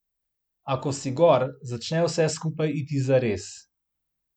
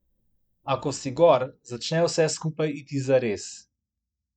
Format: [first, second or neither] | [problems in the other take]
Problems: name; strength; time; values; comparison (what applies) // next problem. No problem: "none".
first | noise reduction (neural mask model DeepFilterNet 3)